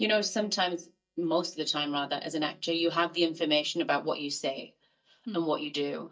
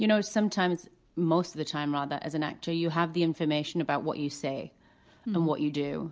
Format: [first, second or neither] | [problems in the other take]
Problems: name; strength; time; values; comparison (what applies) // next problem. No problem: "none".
second | noise reduction (neural mask model DeepFilterNet 3)